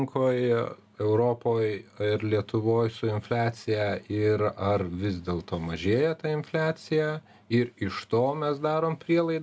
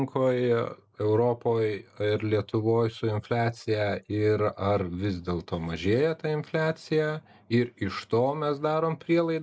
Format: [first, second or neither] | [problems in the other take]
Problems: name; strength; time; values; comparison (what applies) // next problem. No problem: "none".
first | noise reduction (neural mask model Resemble Enhance denoiser)